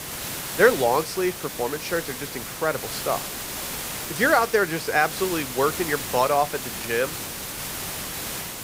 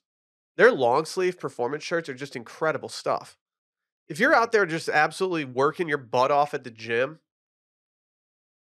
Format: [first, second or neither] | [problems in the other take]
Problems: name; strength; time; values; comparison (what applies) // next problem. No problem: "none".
second | hiss; loud; throughout; 7 dB below the speech